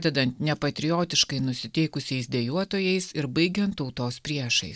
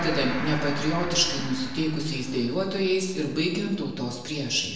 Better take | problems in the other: first | background sound (Gong); 8 dB below the speech // room echo; dies away in 0.9 s

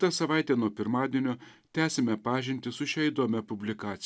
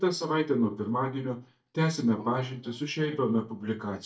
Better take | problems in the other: first | noise reduction (neural mask model DeepFilterNet 3)

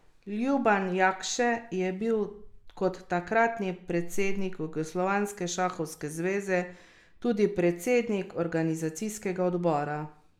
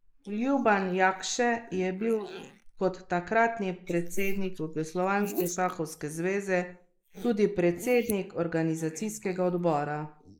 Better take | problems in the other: first | noise reduction (neural mask model Resemble Enhance denoiser)

